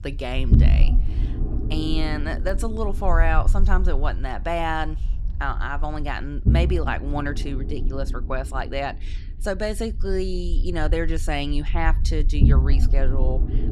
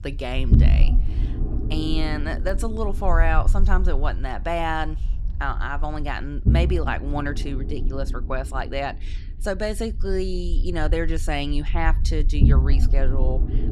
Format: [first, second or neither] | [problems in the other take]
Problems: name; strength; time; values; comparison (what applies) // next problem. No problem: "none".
neither | low rumble; loud; throughout; 10 dB below the speech; the same in both